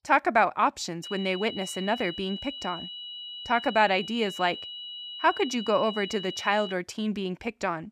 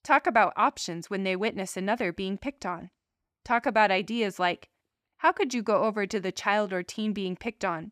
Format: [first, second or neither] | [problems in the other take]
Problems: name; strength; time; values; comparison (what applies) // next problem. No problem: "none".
second | high-pitched whine; loud; from 1 to 6.5 s; 3 kHz, 10 dB below the speech